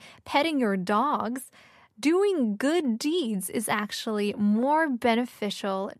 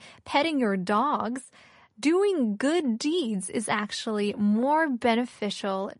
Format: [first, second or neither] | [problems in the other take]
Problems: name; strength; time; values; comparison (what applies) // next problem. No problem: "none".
first | garbled, watery; slightly; nothing above 10.5 kHz